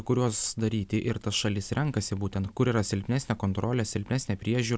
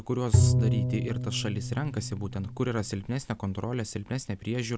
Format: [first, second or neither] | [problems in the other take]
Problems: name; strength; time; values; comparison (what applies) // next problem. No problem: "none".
first | background sound (Bowed string instrument); 4 dB above the speech